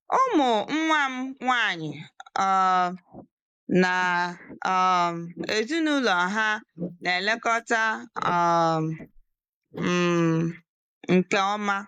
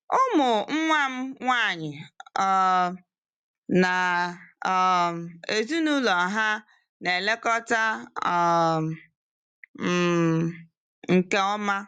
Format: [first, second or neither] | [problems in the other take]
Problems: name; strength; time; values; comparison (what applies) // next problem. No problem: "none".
second | noise reduction (neural mask model Resemble Enhance denoiser)